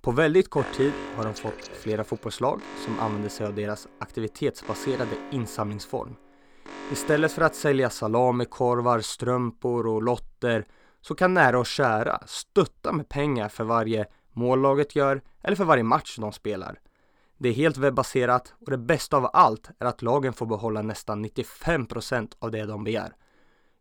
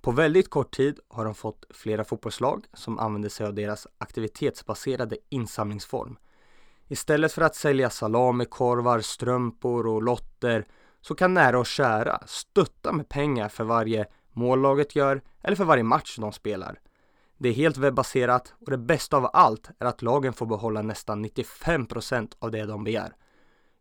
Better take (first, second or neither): second